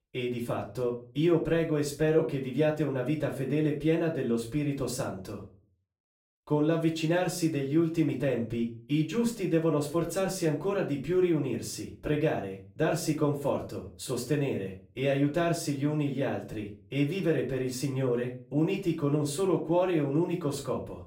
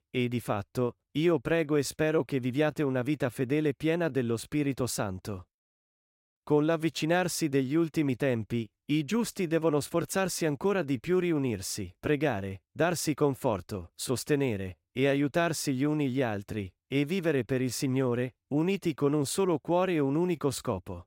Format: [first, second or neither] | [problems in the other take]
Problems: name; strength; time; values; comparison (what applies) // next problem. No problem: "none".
second | off-mic speech; far // room echo; slight; dies away in 0.3 s